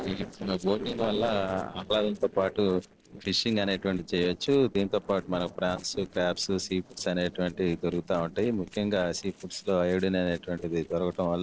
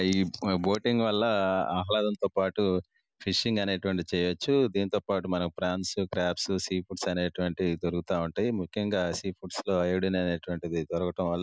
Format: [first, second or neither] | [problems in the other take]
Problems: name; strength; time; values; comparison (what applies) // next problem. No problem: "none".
second | noise reduction (neural separator model SepFormer DNS4)